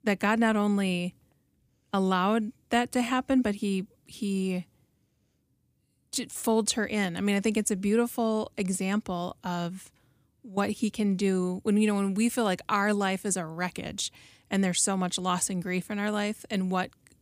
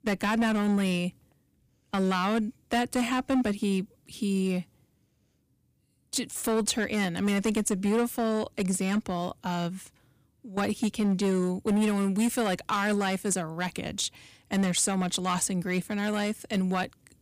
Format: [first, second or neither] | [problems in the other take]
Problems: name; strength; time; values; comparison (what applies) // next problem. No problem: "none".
first | distortion; slight; 7% of the sound clipped